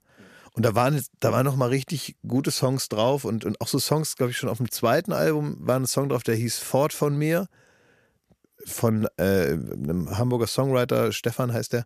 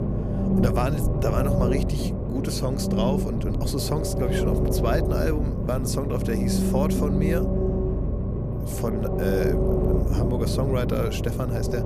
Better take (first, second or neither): first